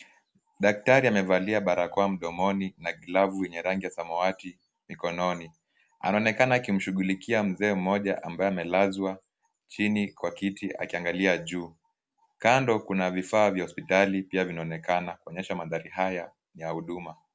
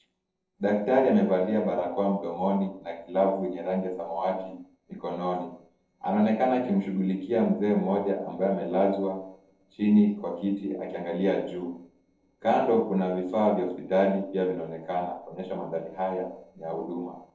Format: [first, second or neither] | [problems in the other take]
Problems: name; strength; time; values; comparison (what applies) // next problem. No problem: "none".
first | noise reduction (neural separator model SepFormer DNS4)